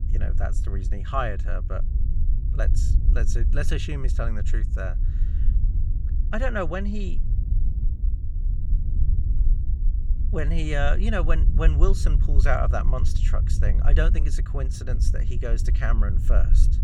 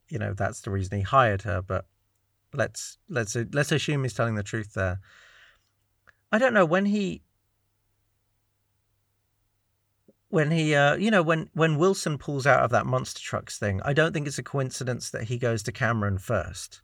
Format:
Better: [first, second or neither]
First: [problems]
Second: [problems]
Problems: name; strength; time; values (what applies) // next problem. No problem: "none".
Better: second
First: low rumble; noticeable; throughout; 15 dB below the speech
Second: none